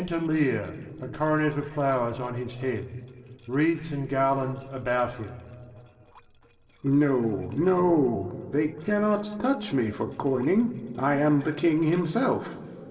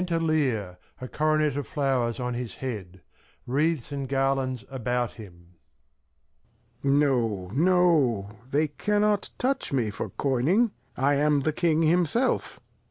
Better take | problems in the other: second | noise reduction (neural separator model SepFormer DNS4)

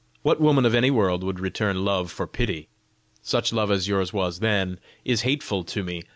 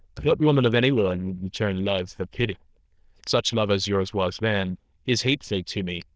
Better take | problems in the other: first | noise reduction (neural diffusion model UNIVERSE++)

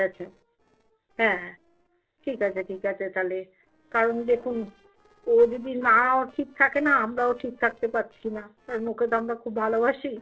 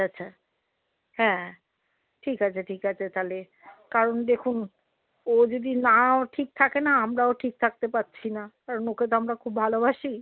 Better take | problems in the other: second | noise reduction (neural separator model SepFormer DNS4)

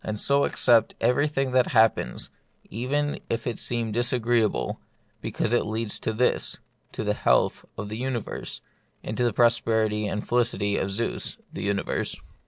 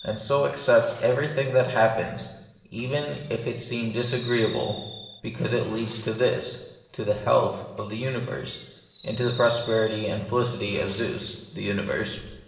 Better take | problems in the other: first | background sound (Fireworks); 19 dB below the speech // room echo; dies away in 1 s

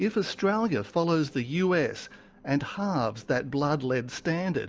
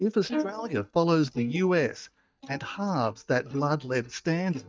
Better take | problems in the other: first | noise reduction (neural mask model DeepFilterNet 3)

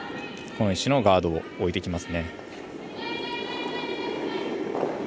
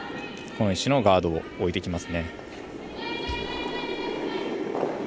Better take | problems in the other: first | background sound (Slam); 20 dB below the speech

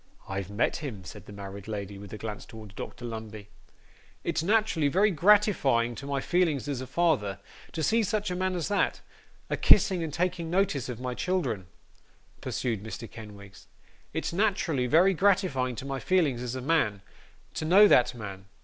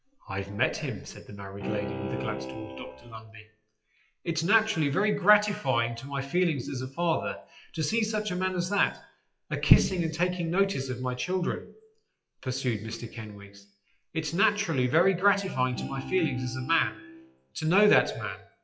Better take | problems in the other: first | noise reduction (classical method WPE with log-MMSE)

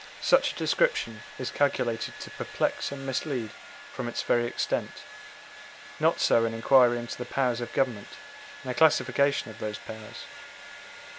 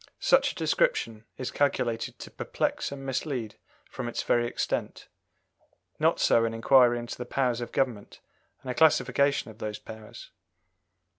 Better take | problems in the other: second | background sound (Domestic sounds, home sounds); 16 dB below the speech

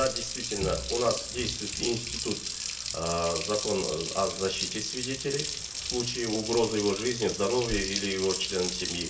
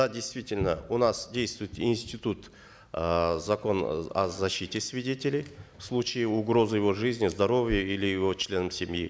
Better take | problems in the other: second | background sound (Water tap, faucet); 4 dB below the speech // room echo; dies away in 0.3 s

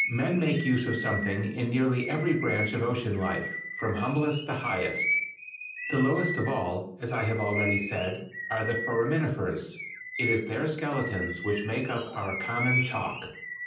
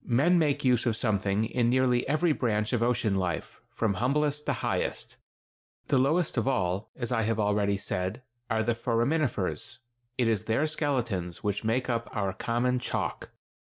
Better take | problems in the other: second | background sound (Bird vocalization, bird call, bird song); 6 dB below the speech // room echo; dies away in 0.6 s

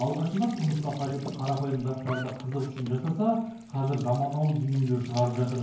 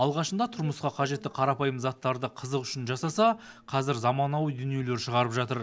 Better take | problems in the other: second | background sound (Squeak / Trickle, dribble / Sink (filling or washing)); 18 dB below the speech // room echo; dies away in 0.9 s

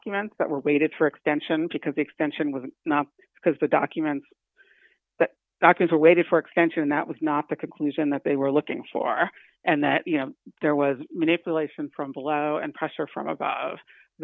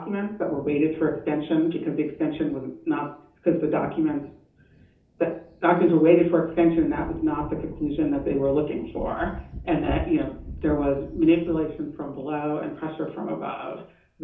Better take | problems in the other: first | background sound (Thunder); 17 dB below the speech // room echo; dies away in 0.6 s

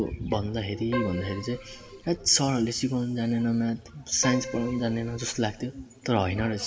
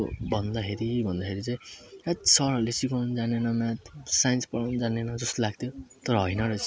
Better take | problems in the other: second | background sound (Keyboard (musical)); 10 dB below the speech // room echo; dies away in 1.6 s

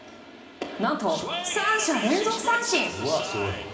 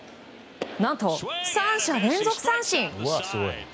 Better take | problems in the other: second | room echo; dies away in 2.1 s

